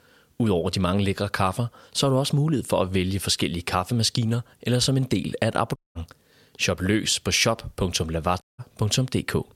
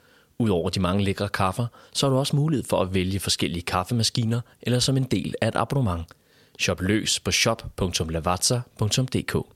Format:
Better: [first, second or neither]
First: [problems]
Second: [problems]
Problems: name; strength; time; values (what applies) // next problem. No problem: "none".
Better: second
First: audio cutting out; at 6 s and at 8.5 s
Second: none